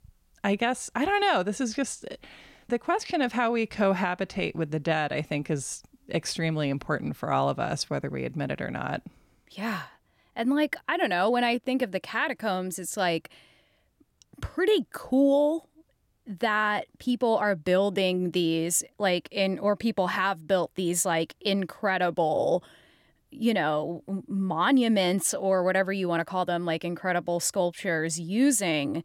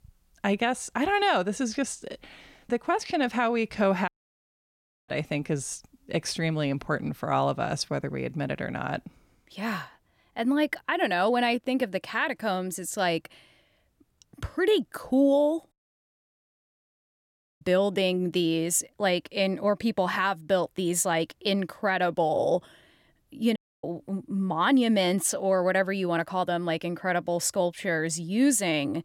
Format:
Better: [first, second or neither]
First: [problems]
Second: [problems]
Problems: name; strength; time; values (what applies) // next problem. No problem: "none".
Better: first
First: none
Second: audio cutting out; at 4 s for 1 s, at 16 s for 2 s and at 24 s